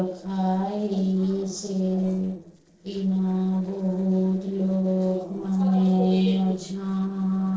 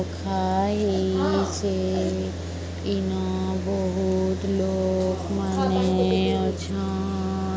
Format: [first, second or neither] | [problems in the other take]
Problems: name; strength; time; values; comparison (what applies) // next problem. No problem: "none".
second | noise reduction (neural separator model SepFormer DNS4)